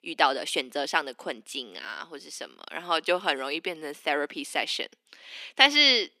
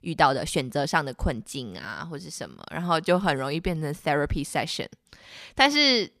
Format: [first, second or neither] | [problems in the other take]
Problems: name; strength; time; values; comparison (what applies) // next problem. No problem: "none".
second | thin; somewhat; fading below 300 Hz